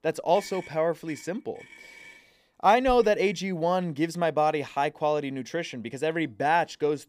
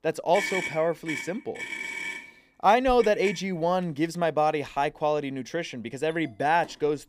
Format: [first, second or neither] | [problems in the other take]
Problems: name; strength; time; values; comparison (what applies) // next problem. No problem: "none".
first | traffic noise; loud; throughout; 8 dB below the speech; faint in the first